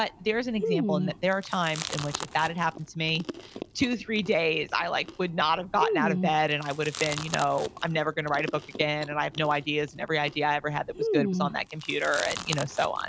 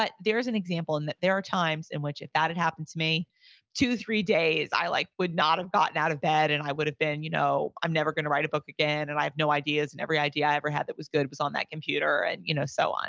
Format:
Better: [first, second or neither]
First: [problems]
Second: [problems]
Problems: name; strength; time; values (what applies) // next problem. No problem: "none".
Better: second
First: background sound (Chewing, mastication); 7 dB below the speech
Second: none